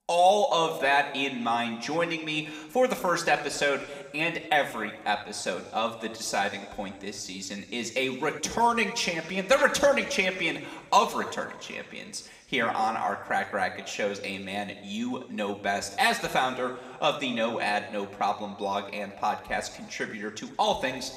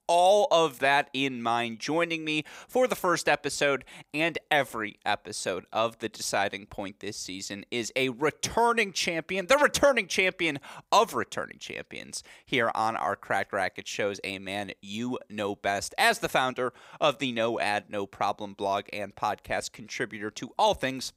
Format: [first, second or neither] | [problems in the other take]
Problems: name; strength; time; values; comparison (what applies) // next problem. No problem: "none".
second | room echo; slight; dies away in 1.3 s